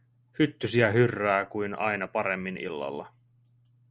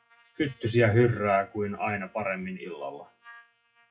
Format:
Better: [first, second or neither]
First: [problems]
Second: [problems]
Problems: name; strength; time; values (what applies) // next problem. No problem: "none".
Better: first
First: none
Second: noise reduction (classical method WPE with log-MMSE)